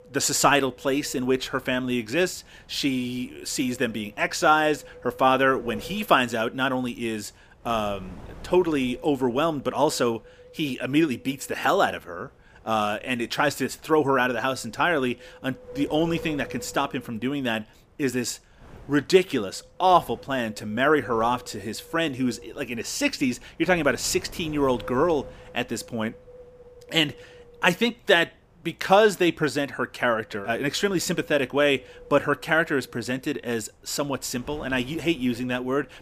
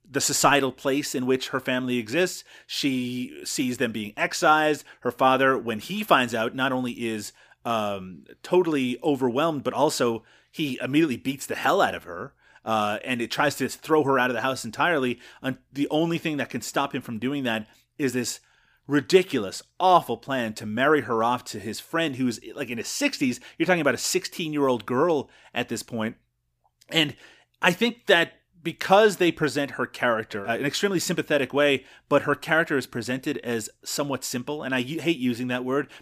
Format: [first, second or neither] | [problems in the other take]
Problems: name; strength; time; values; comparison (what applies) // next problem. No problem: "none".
second | wind noise on the microphone; occasional gusts; 20 dB below the speech